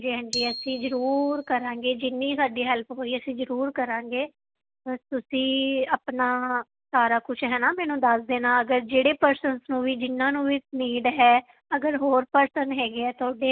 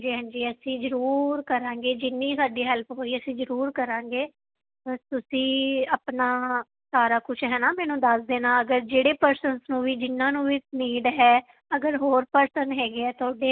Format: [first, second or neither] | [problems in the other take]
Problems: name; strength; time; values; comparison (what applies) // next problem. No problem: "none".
second | background sound (Glockenspiel); 14 dB below the speech